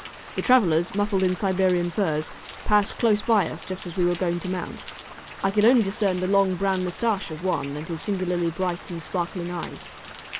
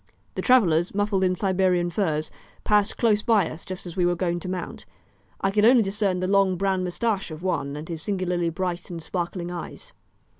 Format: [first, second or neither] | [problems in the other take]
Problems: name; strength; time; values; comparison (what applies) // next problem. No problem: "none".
second | background sound (Rain); 16 dB below the speech